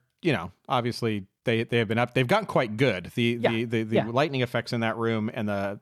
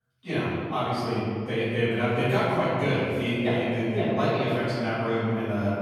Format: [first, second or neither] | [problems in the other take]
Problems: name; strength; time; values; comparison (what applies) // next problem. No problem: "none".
first | off-mic speech; far // room echo; strong; dies away in 2 s